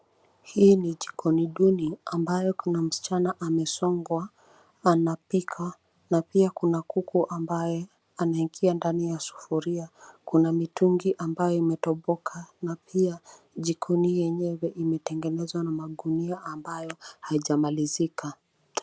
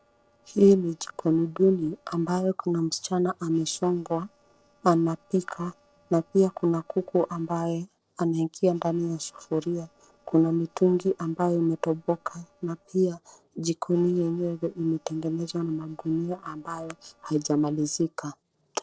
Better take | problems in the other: first | noise reduction (neural separator model SepFormer DNS4)

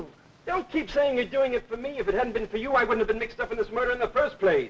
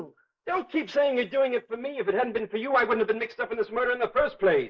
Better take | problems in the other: first | noise reduction (neural mask model Resemble Enhance denoiser)

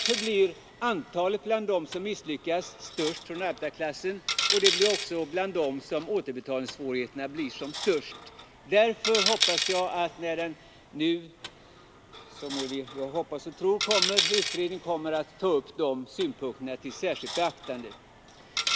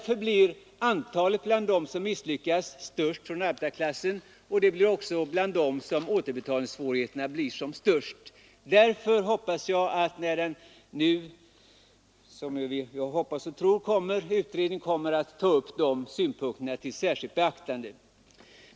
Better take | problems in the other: second | background sound (Coin (dropping)); 4 dB below the speech

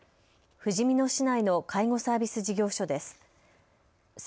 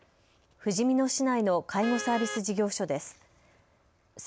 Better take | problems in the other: first | background sound (Vehicle horn, car horn, honking); 14 dB below the speech

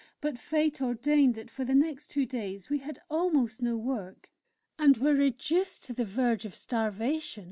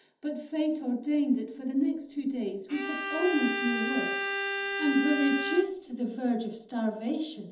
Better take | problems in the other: first | background sound (Bowed string instrument); 3 dB below the speech // room echo; dies away in 1.2 s

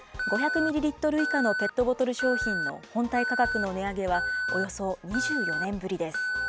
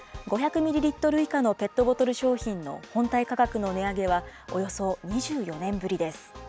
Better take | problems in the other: second | background sound (Alarm); 3 dB below the speech

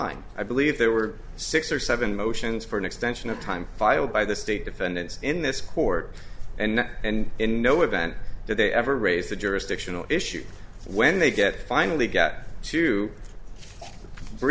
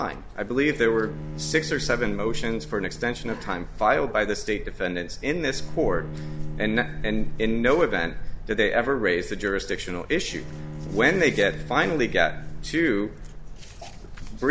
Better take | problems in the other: first | background sound (Bowed string instrument); 15 dB below the speech

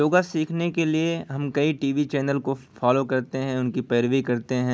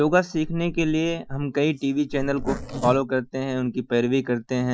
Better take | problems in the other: first | noise reduction (classical method Wiener filter)

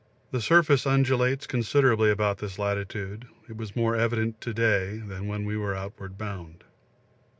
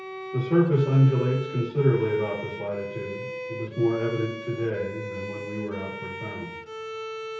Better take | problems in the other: first | background sound (Bowed string instrument); 11 dB below the speech // room echo; dies away in 0.7 s

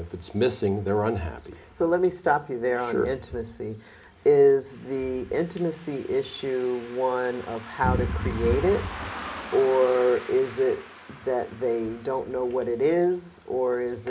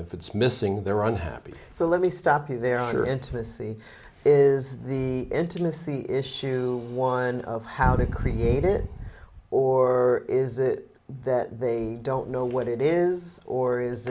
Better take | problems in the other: second | background sound (Car passing by); 19 dB below the speech // room echo; dies away in 0.3 s

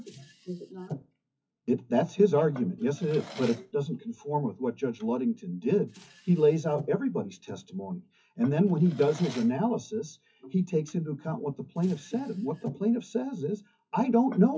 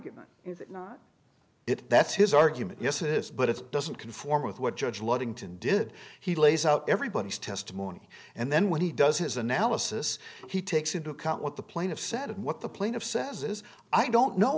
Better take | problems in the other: second | noise reduction (classical method WPE with log-MMSE)

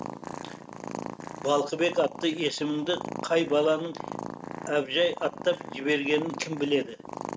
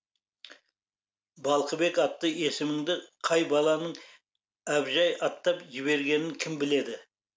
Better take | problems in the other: second | noise reduction (neural mask model RNNoise)

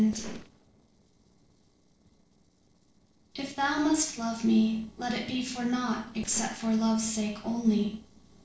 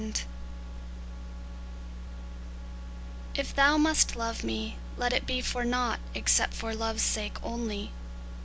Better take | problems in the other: second | noise reduction (neural separator model SepFormer DNS4)

